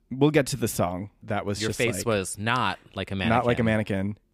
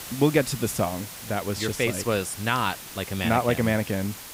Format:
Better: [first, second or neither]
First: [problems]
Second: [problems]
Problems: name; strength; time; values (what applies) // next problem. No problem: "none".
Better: first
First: none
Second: hiss; noticeable; throughout; 10 dB below the speech